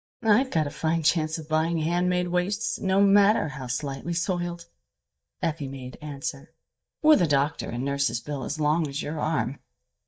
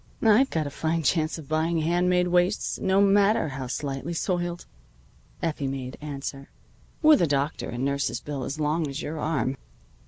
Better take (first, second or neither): second